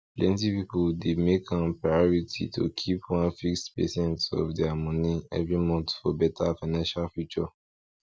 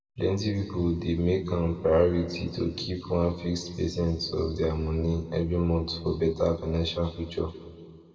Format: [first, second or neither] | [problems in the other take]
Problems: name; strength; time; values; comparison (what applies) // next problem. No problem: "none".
first | room echo; dies away in 1.9 s